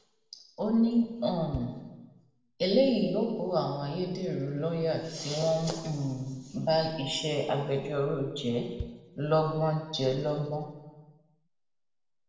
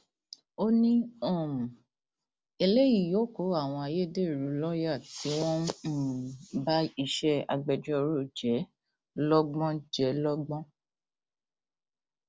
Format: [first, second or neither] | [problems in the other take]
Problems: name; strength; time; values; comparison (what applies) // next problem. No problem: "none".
second | background sound (Bass drum); 17 dB below the speech // room echo; dies away in 1 s